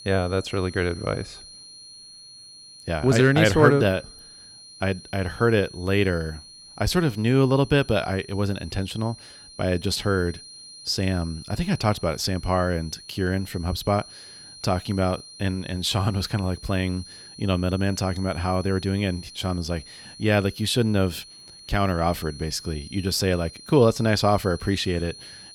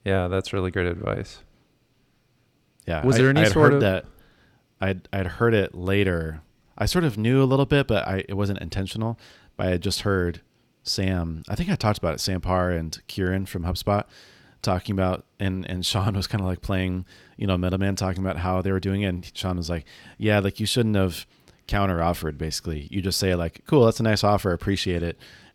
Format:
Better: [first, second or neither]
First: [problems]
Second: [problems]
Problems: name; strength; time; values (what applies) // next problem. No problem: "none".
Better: second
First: high-pitched whine; noticeable; throughout; 4 kHz, 20 dB below the speech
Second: none